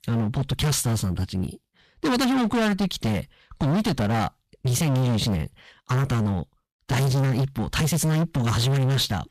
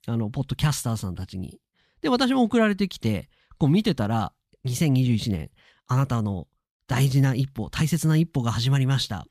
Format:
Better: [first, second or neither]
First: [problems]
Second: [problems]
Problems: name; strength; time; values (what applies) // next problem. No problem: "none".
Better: second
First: distortion; heavy; 30% of the sound clipped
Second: none